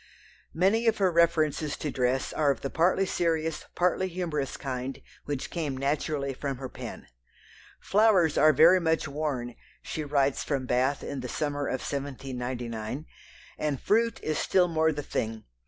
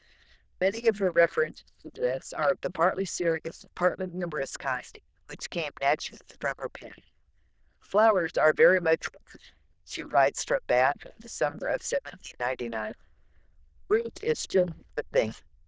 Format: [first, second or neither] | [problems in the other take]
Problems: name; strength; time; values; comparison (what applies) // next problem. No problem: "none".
first | noise reduction (neural diffusion model UNIVERSE++)